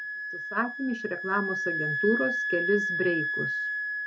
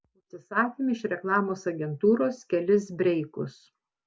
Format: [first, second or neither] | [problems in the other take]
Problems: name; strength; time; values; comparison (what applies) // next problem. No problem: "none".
second | background sound (Wind instrument, woodwind instrument); as loud as the speech